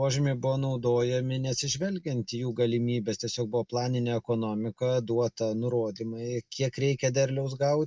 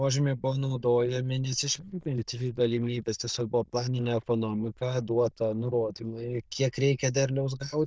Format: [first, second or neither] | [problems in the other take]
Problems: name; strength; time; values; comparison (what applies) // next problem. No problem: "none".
first | noise reduction (neural diffusion model UNIVERSE++)